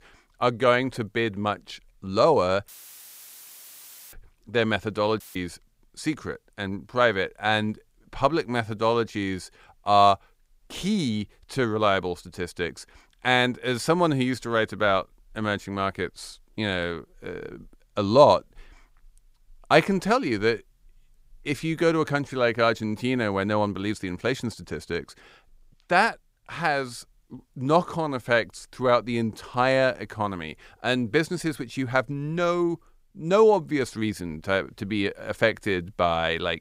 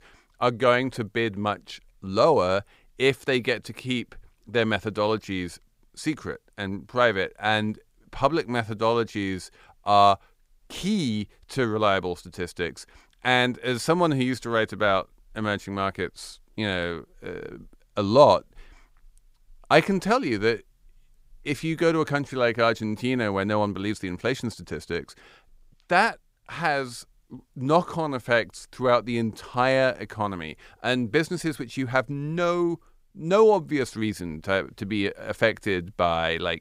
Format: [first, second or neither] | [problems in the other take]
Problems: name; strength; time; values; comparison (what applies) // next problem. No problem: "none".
second | audio cutting out; filled with static; at 2.5 s for 1.5 s and at 5 s